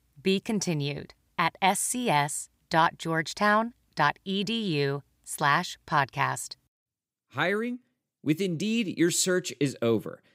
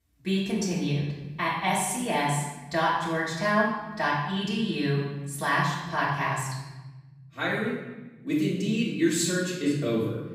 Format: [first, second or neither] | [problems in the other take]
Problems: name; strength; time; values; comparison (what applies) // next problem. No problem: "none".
first | off-mic speech; far // room echo; noticeable; dies away in 1.3 s